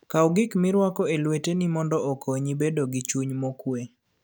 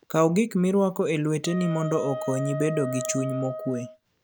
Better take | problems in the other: first | background sound (Wind instrument, woodwind instrument); 9 dB below the speech

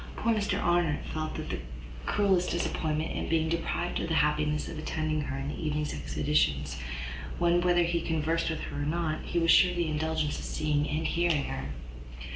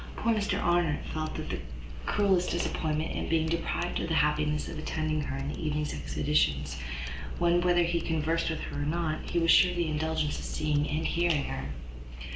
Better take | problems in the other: first | background sound (Computer keyboard); 14 dB below the speech

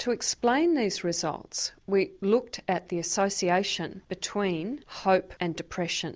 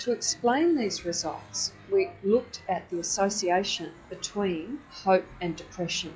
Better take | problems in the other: first | noise reduction (classical method log-MMSE)

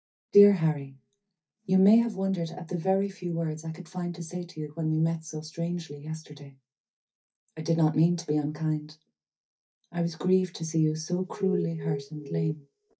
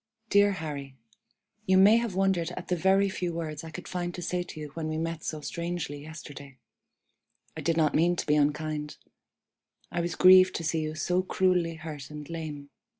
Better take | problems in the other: second | noise reduction (neural mask model DeepFilterNet 3)

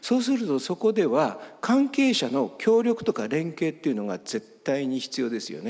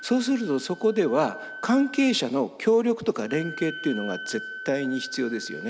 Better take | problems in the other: first | background sound (Wind instrument, woodwind instrument); 14 dB below the speech

